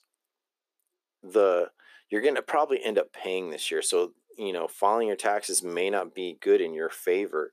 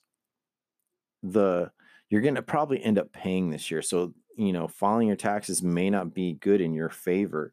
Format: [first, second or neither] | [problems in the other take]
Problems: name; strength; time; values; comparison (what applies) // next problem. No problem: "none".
second | thin; very; fading below 400 Hz